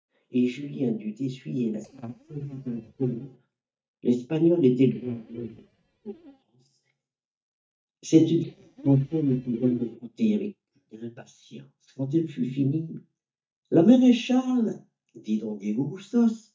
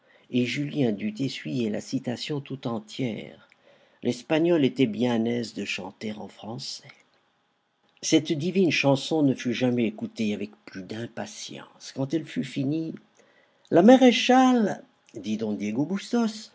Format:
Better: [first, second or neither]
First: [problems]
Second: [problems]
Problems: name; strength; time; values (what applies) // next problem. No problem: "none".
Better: second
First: noise reduction (neural mask model DeepFilterNet 3)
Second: none